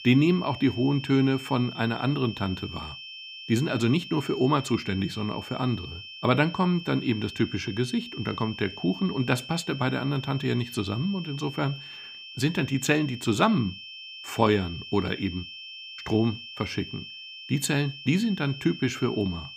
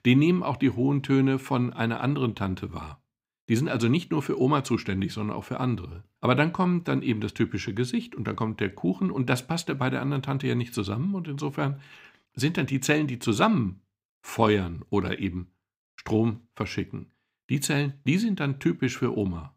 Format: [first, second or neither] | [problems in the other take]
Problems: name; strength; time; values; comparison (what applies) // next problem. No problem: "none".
second | high-pitched whine; noticeable; throughout; 3 kHz, 10 dB below the speech